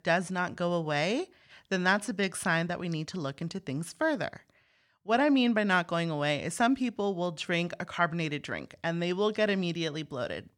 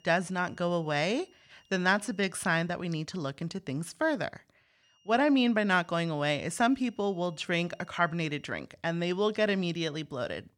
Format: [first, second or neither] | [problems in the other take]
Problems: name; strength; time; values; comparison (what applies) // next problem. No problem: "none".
first | high-pitched whine; faint; until 2.5 s and from 5 to 8.5 s; 3 kHz, 35 dB below the speech